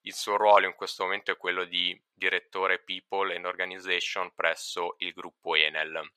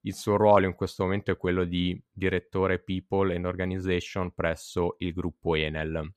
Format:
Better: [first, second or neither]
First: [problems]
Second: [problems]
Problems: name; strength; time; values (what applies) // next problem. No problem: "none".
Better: second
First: thin; very; fading below 750 Hz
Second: none